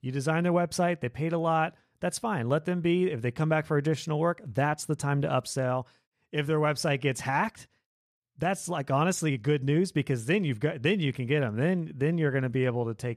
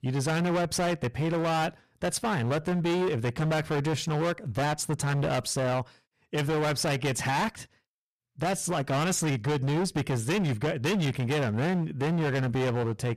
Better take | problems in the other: first | distortion; heavy; 29% of the sound clipped

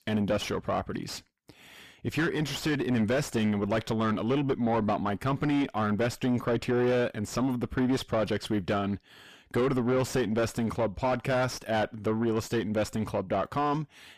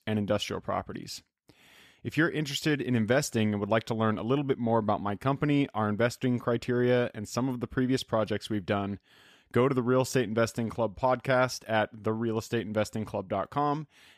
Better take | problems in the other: second | distortion; heavy; 6 dB below the speech

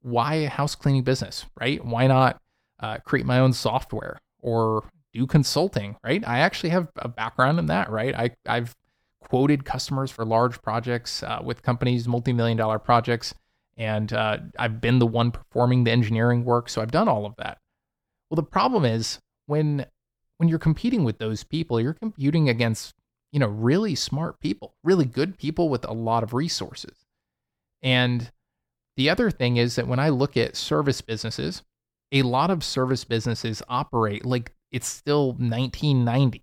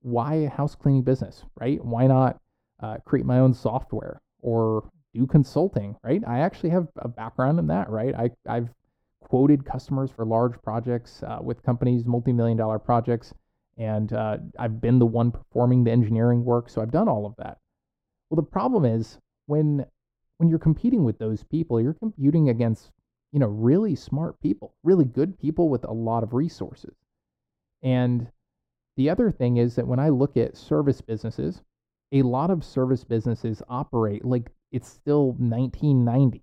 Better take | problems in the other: first | muffled; very; fading above 1.5 kHz

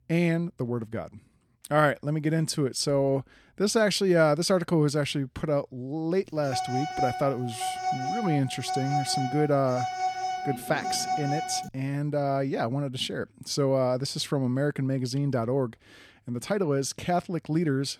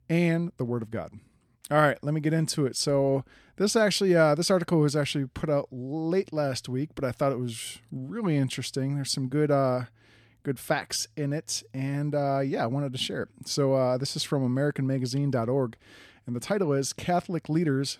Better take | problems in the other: second | phone ringing; noticeable; from 6.5 to 12 s; peak 2 dB below the speech

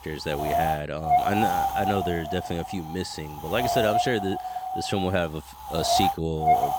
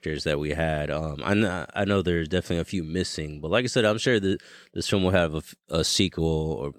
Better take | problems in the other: second | wind noise on the microphone; heavy; 4 dB above the speech

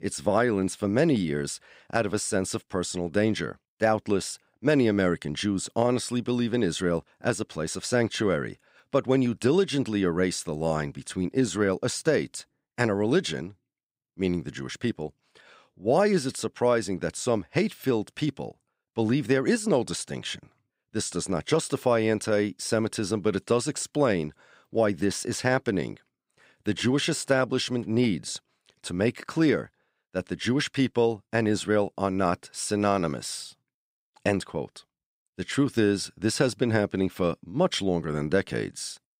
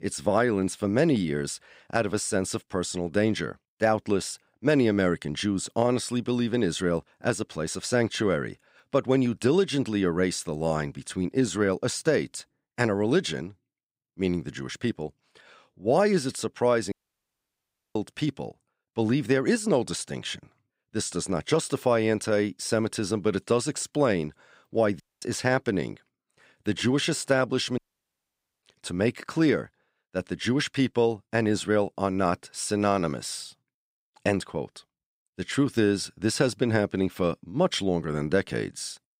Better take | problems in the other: first | audio cutting out; at 17 s for 1 s, at 25 s and at 28 s for 1 s

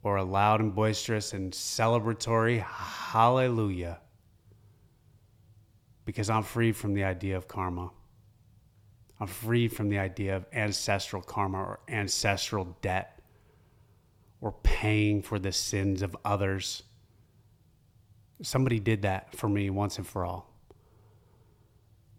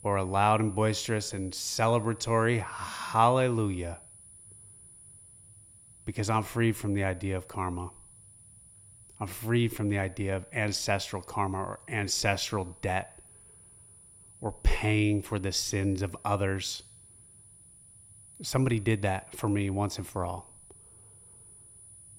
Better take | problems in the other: first | high-pitched whine; faint; throughout; 10 kHz, 20 dB below the speech

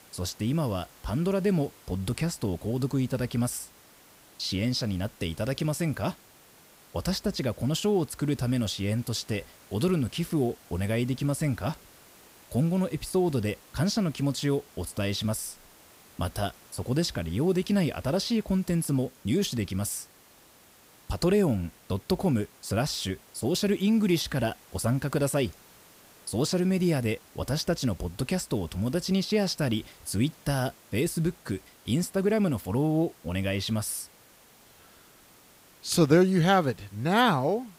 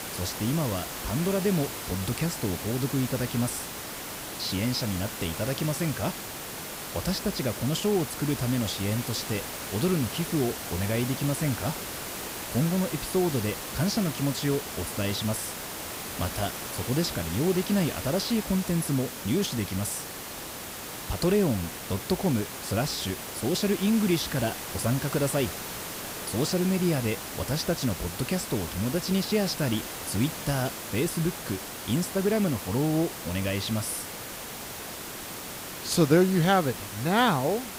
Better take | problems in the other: first | hiss; loud; throughout; 7 dB below the speech; faint in the first

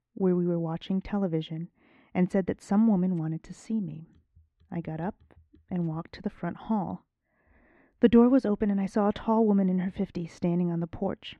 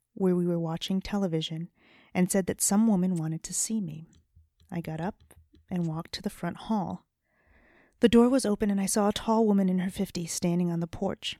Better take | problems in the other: second | muffled; very; fading above 2 kHz

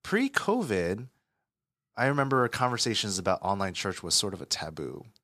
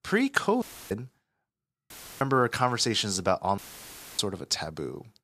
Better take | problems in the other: first | audio cutting out; filled with static; at 0.5 s, at 2 s and at 3.5 s for 0.5 s

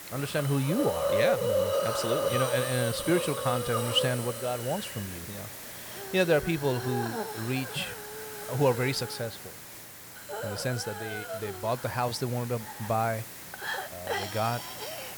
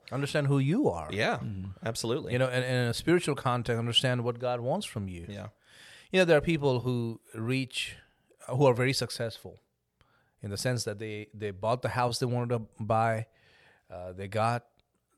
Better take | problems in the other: second | hiss; loud; throughout; 3 dB below the speech

